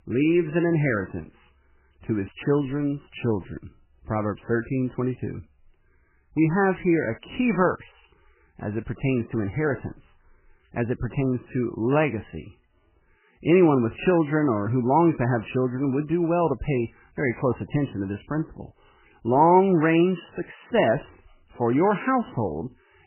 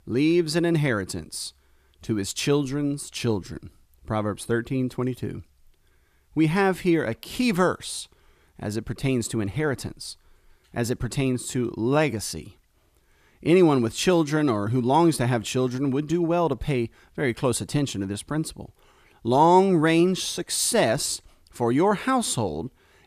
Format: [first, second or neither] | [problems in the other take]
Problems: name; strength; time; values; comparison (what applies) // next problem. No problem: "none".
second | garbled, watery; badly; nothing above 3 kHz